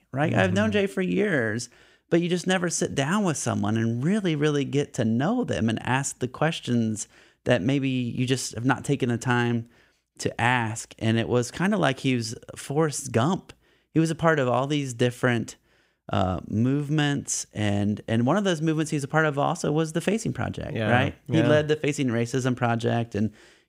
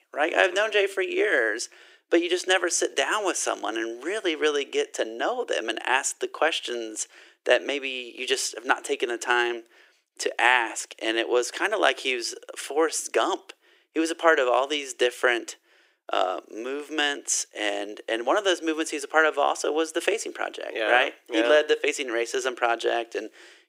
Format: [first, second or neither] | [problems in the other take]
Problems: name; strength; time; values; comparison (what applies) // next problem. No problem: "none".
first | thin; very; fading below 350 Hz